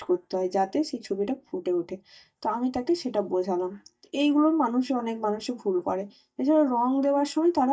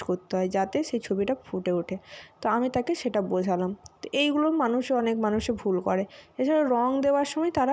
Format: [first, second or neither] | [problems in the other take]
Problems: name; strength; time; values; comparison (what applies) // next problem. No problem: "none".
second | noise reduction (neural mask model DeepFilterNet 3)